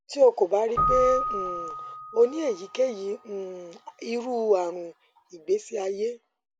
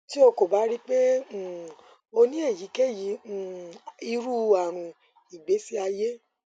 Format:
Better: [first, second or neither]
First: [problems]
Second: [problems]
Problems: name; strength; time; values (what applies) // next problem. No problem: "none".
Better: second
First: background sound (Keyboard (musical)); 7 dB below the speech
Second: none